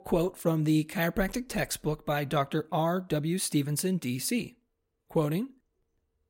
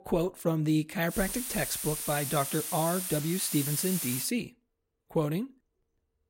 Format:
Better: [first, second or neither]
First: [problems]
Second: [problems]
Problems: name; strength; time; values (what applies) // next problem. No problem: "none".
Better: first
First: none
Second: hiss; very faint; from 1 to 4.5 s; 3 dB below the speech